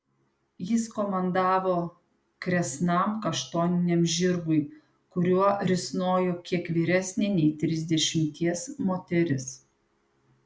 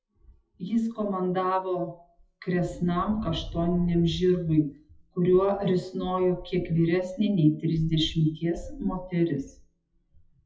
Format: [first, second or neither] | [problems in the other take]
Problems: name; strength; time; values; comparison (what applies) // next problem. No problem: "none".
first | noise reduction (classical method WPE with log-MMSE)